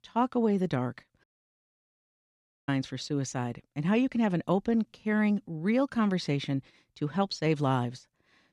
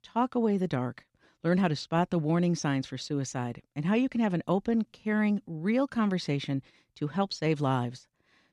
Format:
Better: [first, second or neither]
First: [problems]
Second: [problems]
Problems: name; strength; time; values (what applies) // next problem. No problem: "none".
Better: second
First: audio cutting out; at 1 s for 1.5 s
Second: none